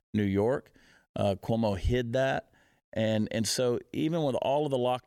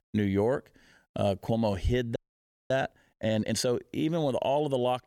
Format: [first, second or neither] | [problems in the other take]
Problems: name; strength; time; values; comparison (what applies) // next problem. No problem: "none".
first | audio freezing; at 2 s for 0.5 s